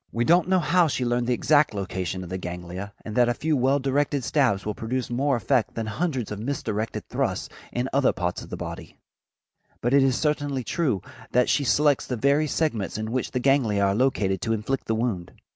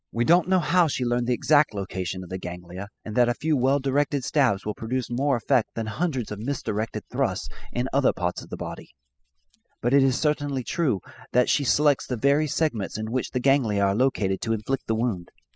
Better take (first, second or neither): first